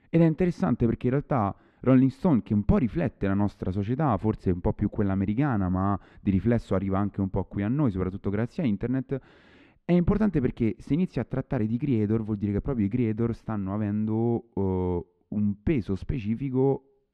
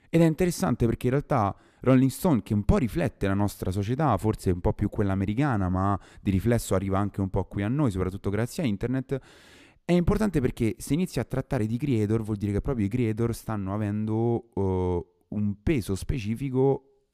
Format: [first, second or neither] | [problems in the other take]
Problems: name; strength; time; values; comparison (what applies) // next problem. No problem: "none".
second | muffled; slightly; fading above 3 kHz